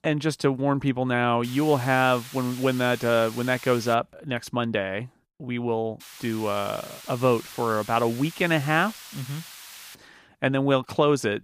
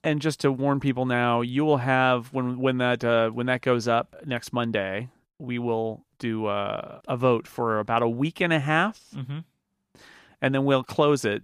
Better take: second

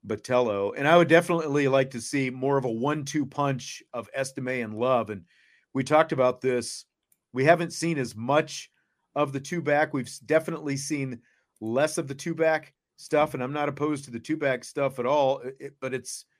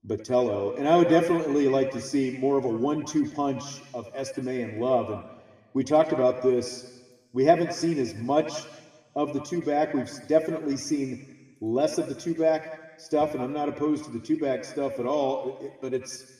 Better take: first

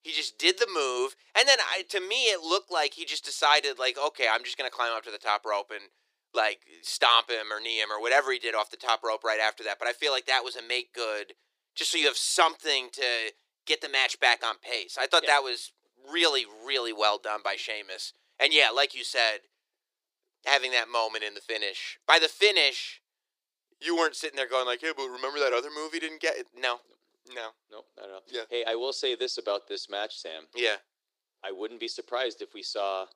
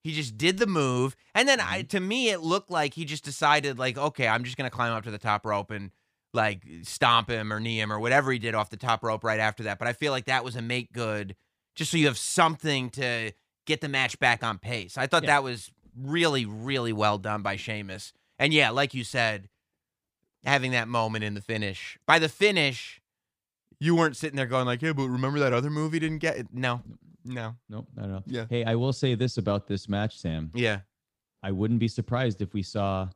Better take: second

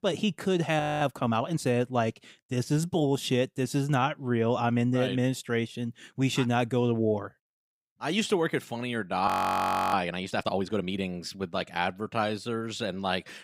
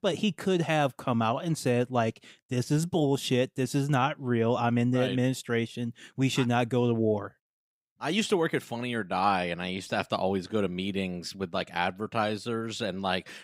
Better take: second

